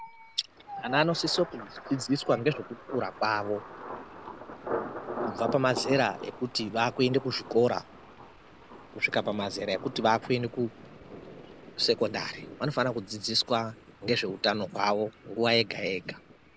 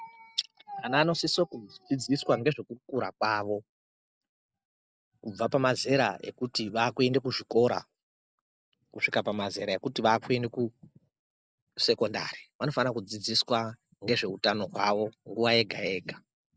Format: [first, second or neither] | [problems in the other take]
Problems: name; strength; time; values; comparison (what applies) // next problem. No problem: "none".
second | background sound (Thunder); 13 dB below the speech